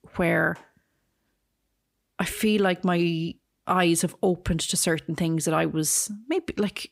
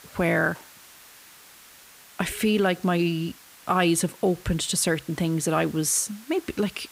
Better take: first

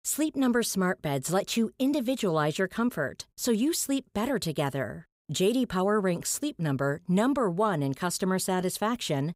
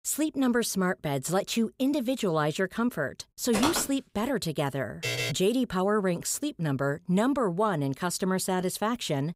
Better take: first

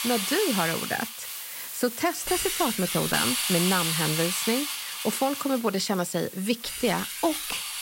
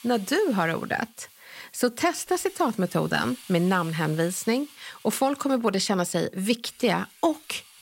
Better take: second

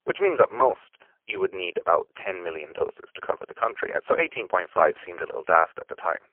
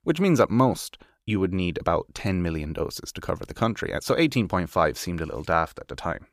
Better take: second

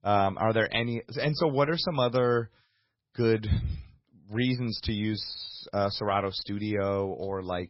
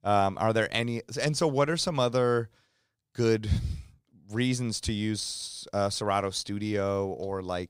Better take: second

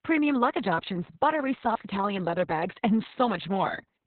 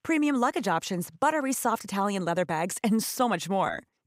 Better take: second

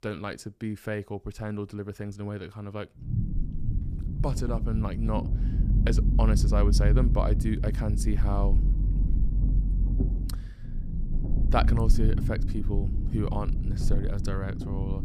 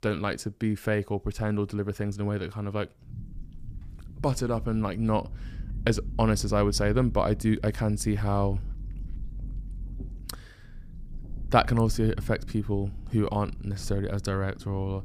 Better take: second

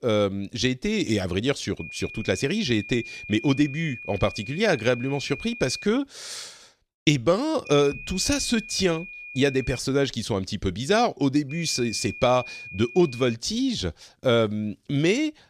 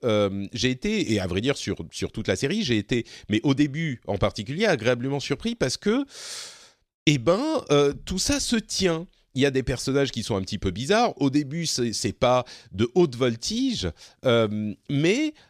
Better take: second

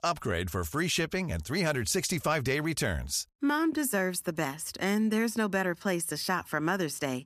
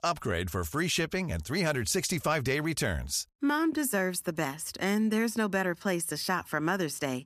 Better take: neither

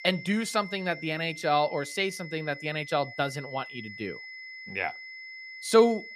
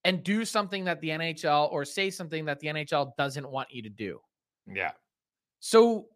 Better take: second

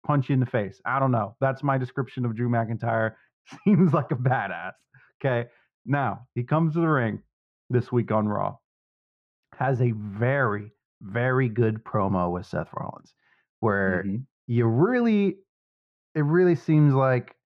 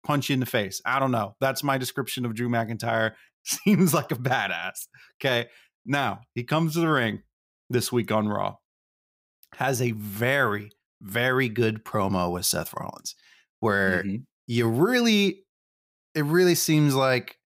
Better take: second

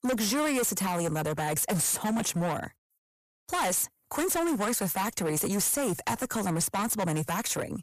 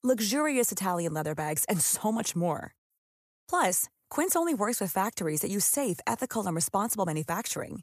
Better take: second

